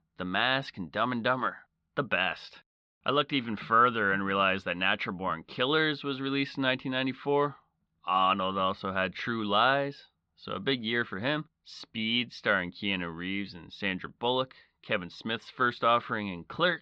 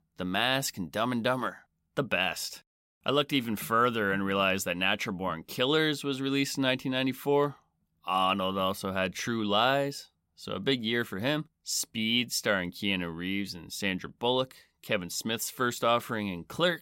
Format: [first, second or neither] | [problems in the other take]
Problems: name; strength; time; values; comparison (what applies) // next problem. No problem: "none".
second | muffled; slightly; fading above 4 kHz